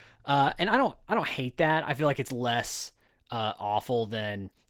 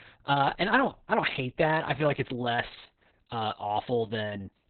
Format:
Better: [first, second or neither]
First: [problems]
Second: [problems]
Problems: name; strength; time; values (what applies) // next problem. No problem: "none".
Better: first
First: garbled, watery; slightly; nothing above 17.5 kHz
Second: garbled, watery; badly; nothing above 4 kHz